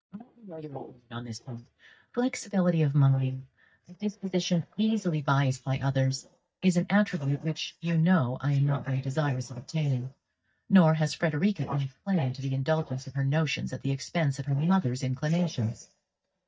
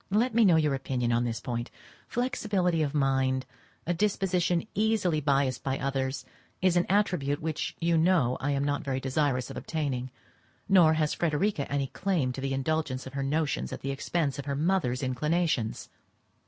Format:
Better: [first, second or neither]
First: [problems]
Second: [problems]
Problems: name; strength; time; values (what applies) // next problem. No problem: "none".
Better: second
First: noise reduction (neural mask model DeepFilterNet 3)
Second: none